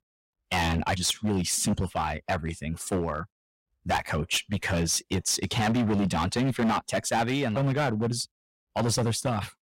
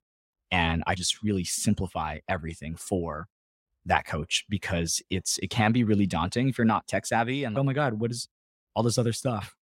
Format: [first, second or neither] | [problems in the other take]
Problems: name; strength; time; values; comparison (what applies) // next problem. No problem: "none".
second | distortion; heavy; 12% of the sound clipped